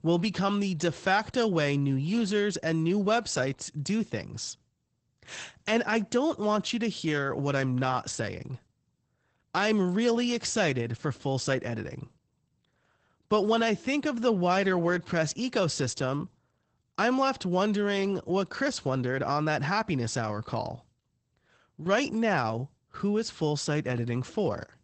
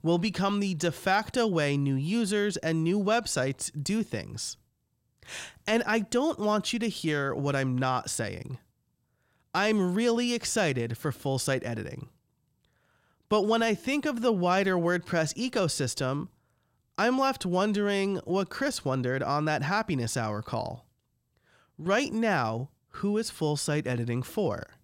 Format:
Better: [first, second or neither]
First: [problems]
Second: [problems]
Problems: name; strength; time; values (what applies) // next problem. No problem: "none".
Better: second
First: garbled, watery; badly; nothing above 8 kHz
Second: none